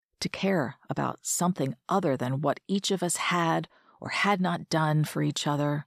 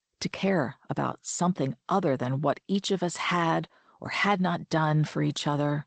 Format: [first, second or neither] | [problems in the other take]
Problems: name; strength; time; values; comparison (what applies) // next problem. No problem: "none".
first | garbled, watery; slightly; nothing above 8 kHz